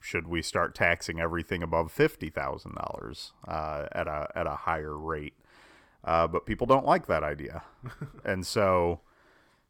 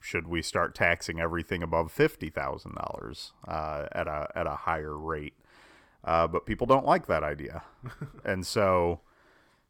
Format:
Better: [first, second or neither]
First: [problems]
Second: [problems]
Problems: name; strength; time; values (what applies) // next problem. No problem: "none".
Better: neither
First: none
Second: none